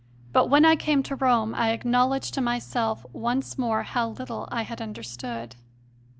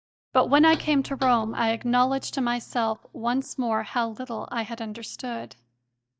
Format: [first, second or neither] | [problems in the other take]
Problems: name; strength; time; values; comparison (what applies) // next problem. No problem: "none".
first | noise reduction (neural mask model DeepFilterNet 3)